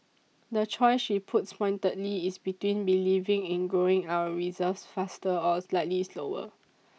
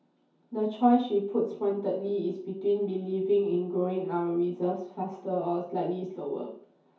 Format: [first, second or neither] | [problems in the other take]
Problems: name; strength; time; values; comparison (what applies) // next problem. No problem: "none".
first | room echo; dies away in 0.6 s